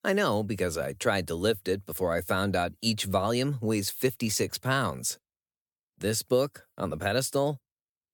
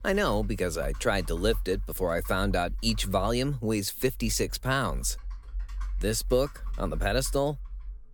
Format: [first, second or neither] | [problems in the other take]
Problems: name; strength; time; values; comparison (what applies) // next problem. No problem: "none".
first | keyboard typing; noticeable; peak 7 dB below the speech